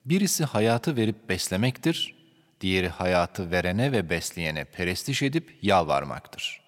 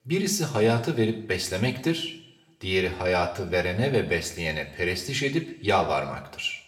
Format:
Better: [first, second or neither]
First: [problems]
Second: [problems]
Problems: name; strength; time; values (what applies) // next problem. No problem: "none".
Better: first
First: none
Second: room echo; slight; dies away in 0.6 s // off-mic speech; somewhat distant